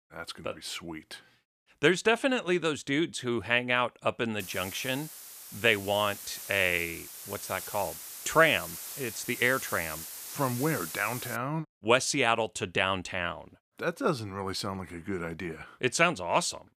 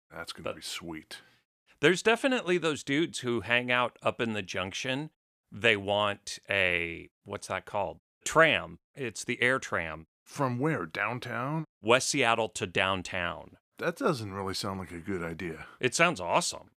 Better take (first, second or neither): second